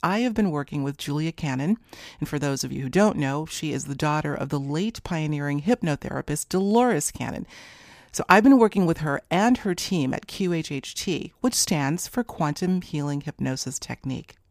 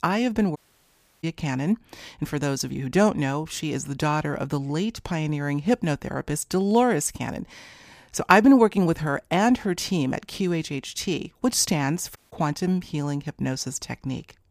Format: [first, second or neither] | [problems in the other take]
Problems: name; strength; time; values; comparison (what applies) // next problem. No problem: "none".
first | audio cutting out; at 0.5 s for 0.5 s and at 12 s